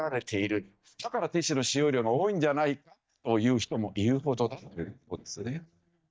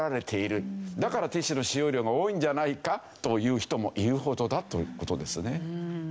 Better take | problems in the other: second | noise reduction (neural mask model DeepFilterNet 3)

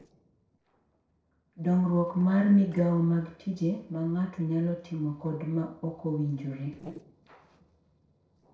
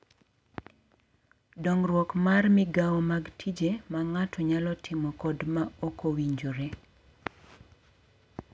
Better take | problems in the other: second | noise reduction (neural separator model SepFormer DNS4)

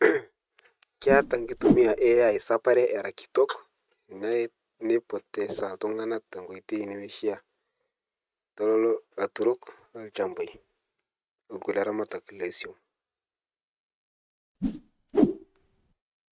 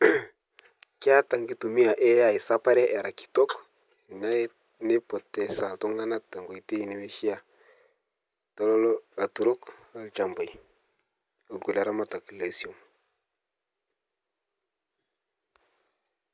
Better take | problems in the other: second | noise reduction (neural mask model RNNoise)

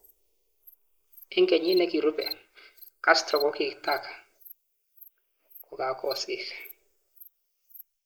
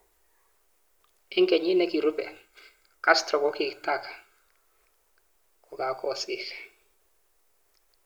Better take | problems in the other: second | noise reduction (neural mask model Resemble Enhance denoiser)

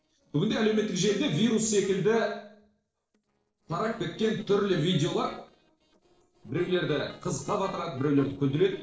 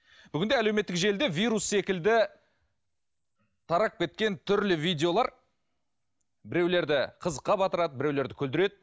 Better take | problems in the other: second | noise reduction (neural separator model SepFormer DNS4)

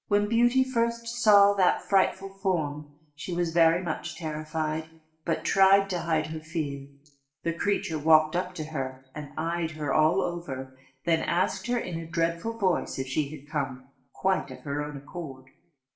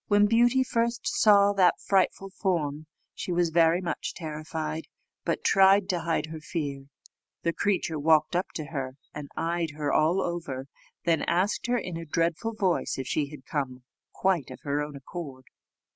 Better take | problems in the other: second | room echo; dies away in 0.5 s

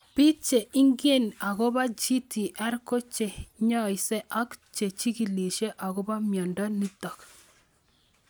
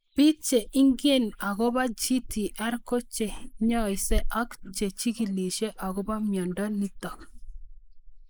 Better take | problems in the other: first | noise reduction (neural mask model Resemble Enhance denoiser)

